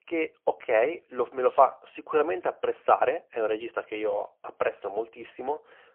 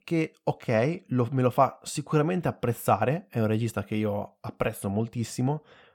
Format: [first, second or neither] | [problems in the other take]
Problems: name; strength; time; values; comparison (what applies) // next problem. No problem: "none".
second | phone-call audio; poor line; nothing above 3 kHz